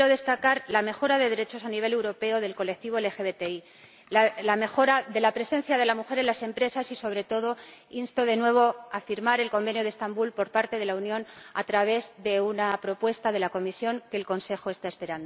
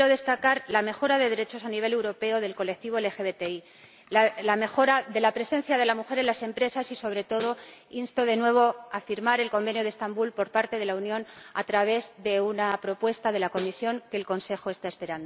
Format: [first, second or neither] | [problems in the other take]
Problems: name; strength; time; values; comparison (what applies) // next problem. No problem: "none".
first | background sound (Snare drum); 18 dB below the speech